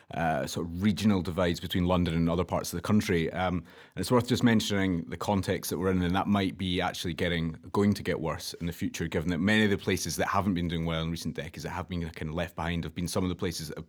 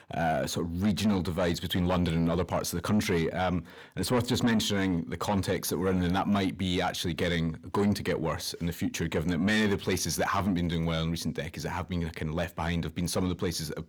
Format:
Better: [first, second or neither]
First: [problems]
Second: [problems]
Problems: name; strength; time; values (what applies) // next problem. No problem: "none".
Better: first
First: none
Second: distortion; slight; 10 dB below the speech